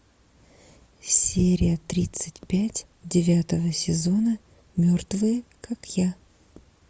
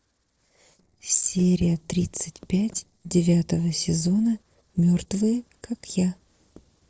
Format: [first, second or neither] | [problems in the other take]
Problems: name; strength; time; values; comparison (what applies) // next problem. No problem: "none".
first | noise reduction (neural separator model SepFormer DNS4)